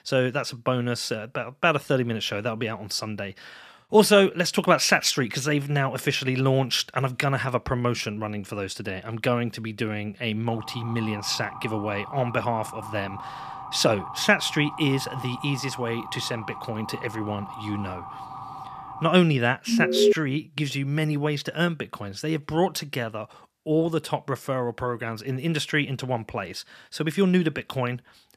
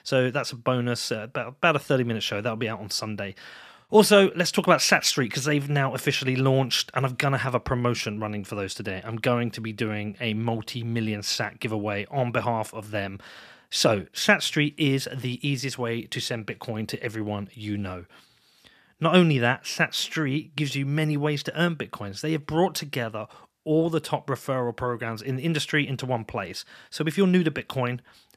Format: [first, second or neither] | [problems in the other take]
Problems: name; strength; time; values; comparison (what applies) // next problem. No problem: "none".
second | siren; faint; from 10 to 19 s; peak 10 dB below the speech // alarm; loud; at 20 s; peak 5 dB above the speech